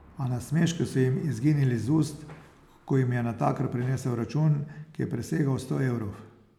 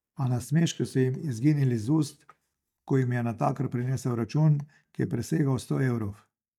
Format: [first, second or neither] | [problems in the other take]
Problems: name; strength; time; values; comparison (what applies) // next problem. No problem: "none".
first | noise reduction (neural mask model DeepFilterNet 3)